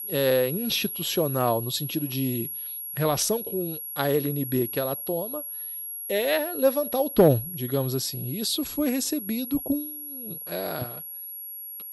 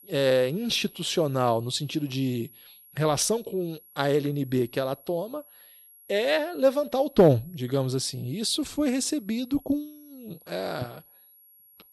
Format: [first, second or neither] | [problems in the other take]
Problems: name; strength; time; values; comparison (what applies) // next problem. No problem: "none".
second | high-pitched whine; loud; throughout; 11.5 kHz, 6 dB below the speech; faint in the second